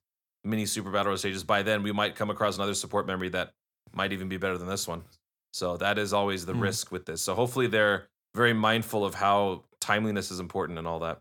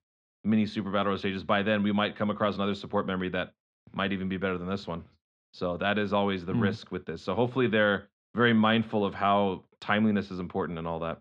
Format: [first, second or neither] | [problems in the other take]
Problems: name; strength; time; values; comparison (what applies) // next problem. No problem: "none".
first | muffled; slightly; fading above 3.5 kHz